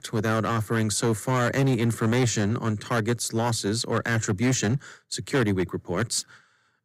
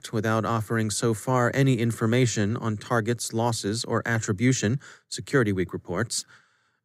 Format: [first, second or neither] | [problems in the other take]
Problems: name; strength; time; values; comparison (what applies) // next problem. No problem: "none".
second | distortion; slight; 9% of the sound clipped